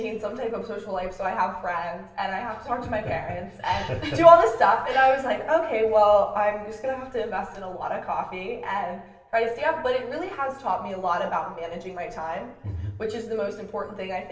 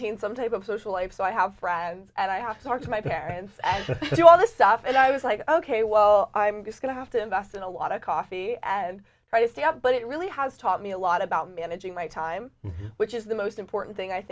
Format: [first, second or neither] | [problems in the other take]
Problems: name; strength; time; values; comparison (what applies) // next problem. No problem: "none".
second | room echo; dies away in 0.9 s